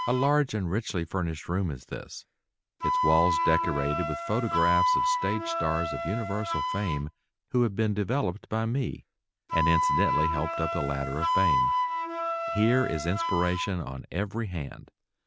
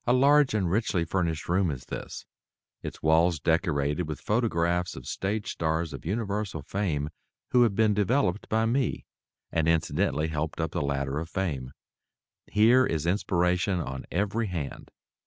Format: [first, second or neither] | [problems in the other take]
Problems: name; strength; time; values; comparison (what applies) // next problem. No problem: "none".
second | background sound (Wind instrument, woodwind instrument); 1 dB below the speech